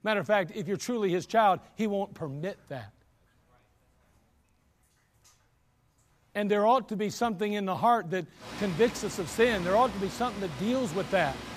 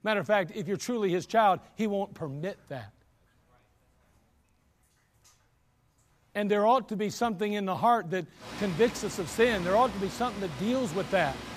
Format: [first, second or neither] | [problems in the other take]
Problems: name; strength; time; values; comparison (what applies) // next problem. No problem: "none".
neither | rain or running water; noticeable; throughout; 10 dB below the speech; the same in both